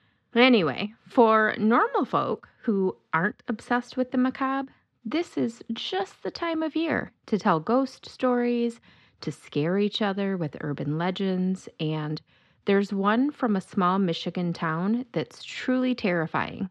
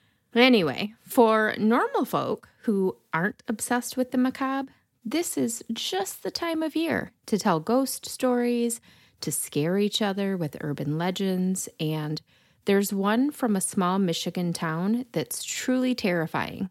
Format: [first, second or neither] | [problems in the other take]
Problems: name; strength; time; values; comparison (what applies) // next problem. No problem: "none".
second | muffled; slightly; fading above 4 kHz